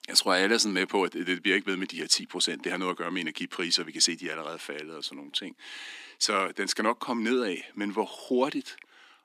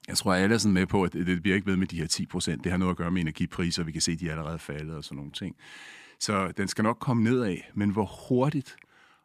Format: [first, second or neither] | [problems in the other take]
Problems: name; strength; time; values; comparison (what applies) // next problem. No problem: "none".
second | thin; somewhat; fading below 250 Hz